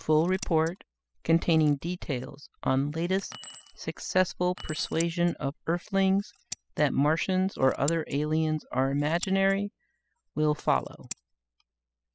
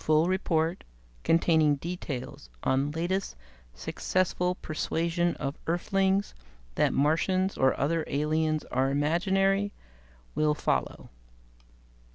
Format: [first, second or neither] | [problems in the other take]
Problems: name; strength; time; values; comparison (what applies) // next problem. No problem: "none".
second | noise reduction (classical method spectral subtraction)